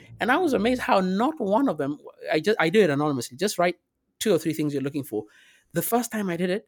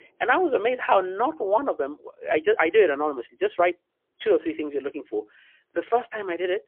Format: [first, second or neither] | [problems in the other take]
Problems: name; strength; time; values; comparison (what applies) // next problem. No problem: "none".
first | phone-call audio; poor line; nothing above 3.5 kHz